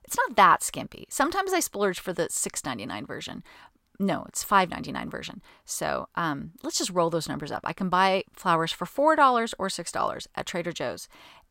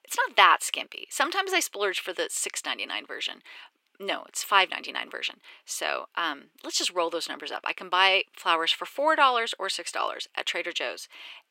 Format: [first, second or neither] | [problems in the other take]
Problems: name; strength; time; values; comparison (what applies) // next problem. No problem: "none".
first | thin; somewhat; fading below 350 Hz